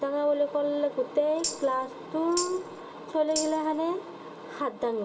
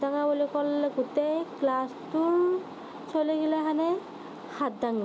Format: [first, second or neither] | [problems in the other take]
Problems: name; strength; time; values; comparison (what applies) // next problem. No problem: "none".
second | background sound (Tambourine); 9 dB below the speech // room echo; dies away in 2.8 s